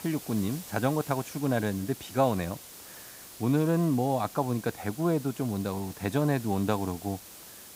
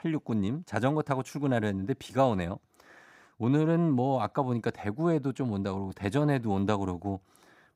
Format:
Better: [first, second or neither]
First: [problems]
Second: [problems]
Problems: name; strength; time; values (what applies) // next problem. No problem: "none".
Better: second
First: hiss; noticeable; throughout; 15 dB below the speech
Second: none